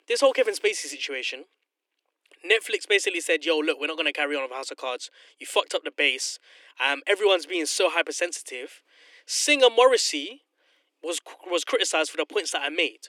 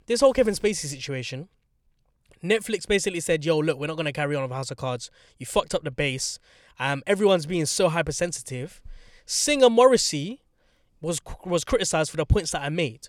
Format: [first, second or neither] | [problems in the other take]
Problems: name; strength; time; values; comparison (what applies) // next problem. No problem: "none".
second | thin; somewhat; fading below 300 Hz